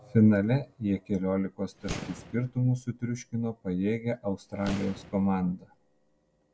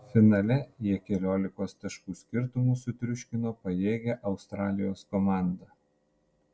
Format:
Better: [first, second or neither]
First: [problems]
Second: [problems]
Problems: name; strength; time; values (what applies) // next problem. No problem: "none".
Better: second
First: background sound (Boom); 14 dB below the speech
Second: none